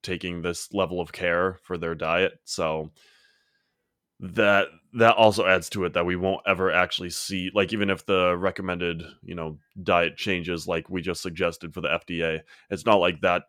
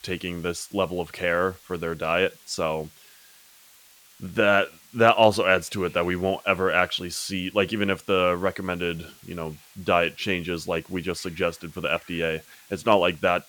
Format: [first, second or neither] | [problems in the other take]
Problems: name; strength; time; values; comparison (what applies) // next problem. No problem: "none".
first | hiss; faint; throughout; 25 dB below the speech